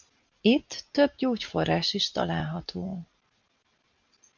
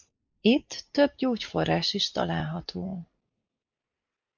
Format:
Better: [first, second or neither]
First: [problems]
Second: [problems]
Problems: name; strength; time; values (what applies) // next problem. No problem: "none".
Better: first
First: none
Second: noise reduction (neural mask model Resemble Enhance denoiser)